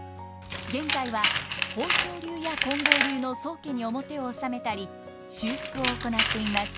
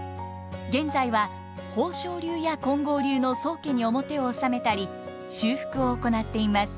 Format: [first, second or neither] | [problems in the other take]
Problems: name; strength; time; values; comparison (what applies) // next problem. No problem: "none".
second | background sound (Tools); 1 dB above the speech